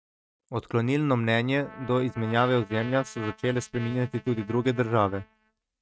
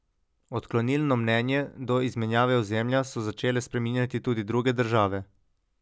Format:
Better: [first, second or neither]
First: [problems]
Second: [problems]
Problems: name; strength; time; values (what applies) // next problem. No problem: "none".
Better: second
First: noise reduction (neural mask model RNNoise)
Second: none